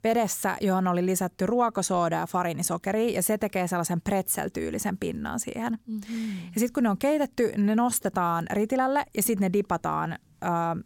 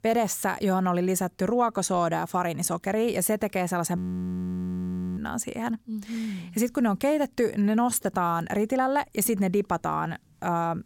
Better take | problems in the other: first | audio freezing; at 4 s for 1 s

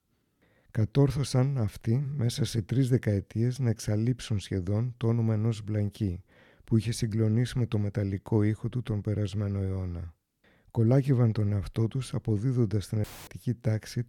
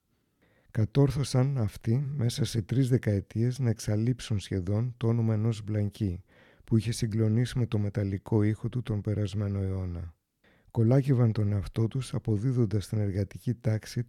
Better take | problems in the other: second | audio cutting out; filled with static; at 13 s

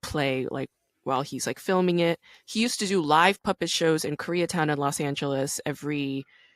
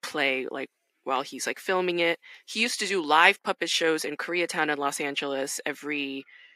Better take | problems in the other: first | thin; somewhat; fading below 250 Hz

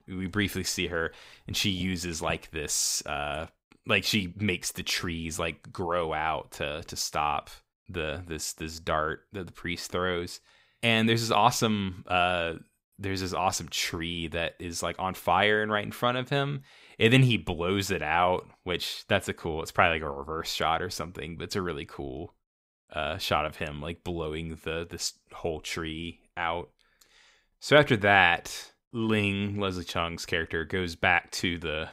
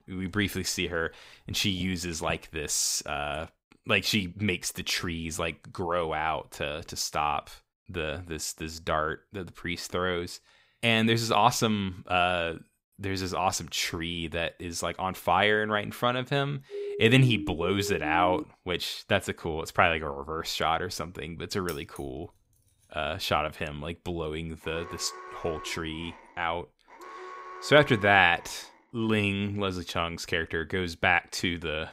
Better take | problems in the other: first | siren; noticeable; from 17 to 18 s; peak 7 dB below the speech // jangling keys; faint; at 22 s; peak 15 dB below the speech // alarm; faint; from 25 to 29 s; peak 15 dB below the speech

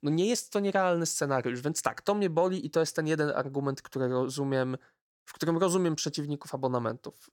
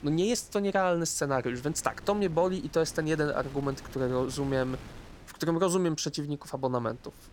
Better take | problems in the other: first | wind noise on the microphone; occasional gusts; 20 dB below the speech

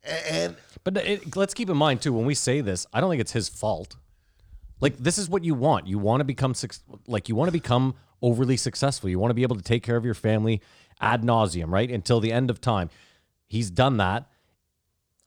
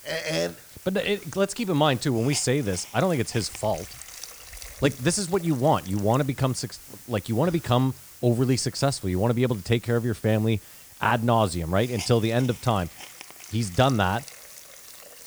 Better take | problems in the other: first | hiss; noticeable; throughout; 15 dB below the speech

